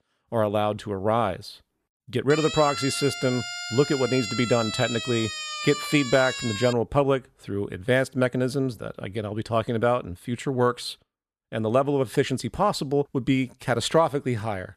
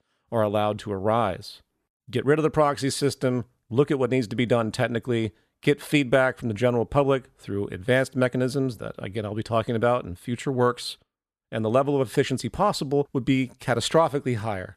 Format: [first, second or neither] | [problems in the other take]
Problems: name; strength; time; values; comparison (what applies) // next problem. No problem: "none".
second | siren; noticeable; from 2.5 to 6.5 s; peak 4 dB below the speech